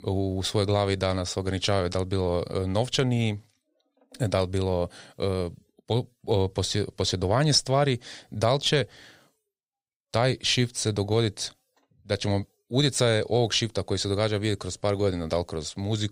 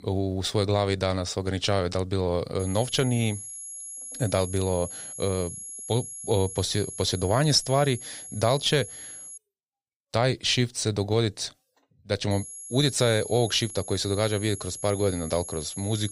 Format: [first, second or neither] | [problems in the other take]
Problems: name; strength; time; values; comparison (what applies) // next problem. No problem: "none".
first | high-pitched whine; noticeable; from 2.5 to 9.5 s and from 12 s on; 11 kHz, 10 dB below the speech